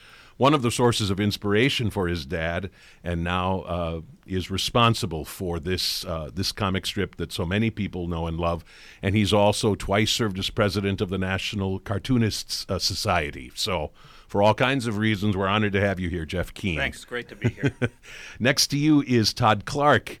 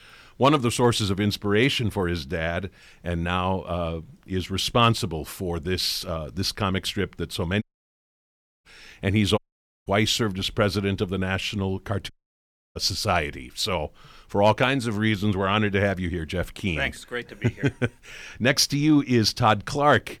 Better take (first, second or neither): first